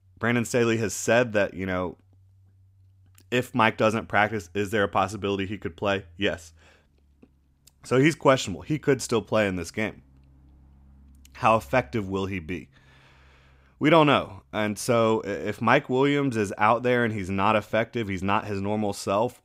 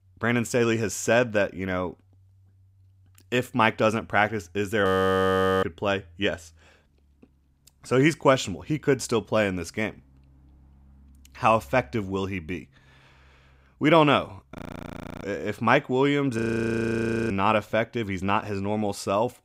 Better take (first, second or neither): first